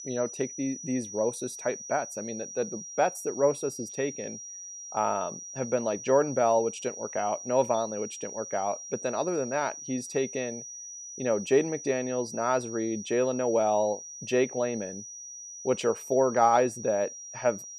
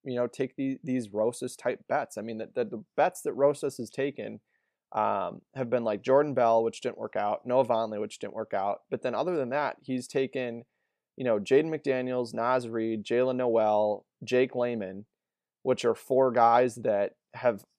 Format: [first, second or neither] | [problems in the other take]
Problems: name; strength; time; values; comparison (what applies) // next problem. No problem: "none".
second | high-pitched whine; noticeable; throughout; 6 kHz, 10 dB below the speech